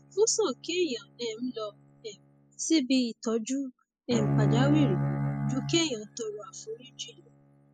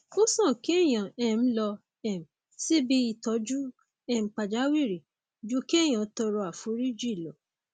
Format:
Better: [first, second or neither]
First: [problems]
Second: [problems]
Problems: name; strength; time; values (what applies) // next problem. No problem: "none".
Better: second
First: noise reduction (classical method spectral subtraction)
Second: none